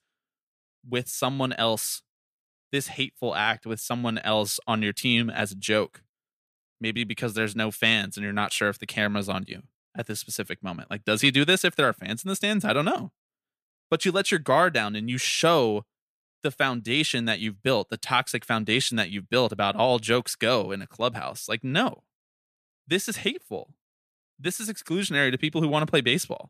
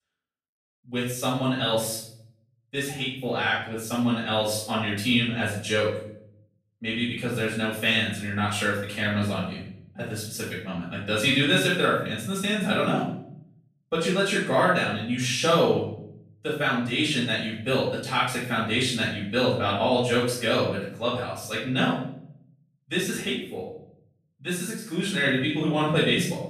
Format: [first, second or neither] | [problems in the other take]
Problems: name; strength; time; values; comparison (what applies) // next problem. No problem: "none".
first | room echo; noticeable; dies away in 0.7 s // off-mic speech; far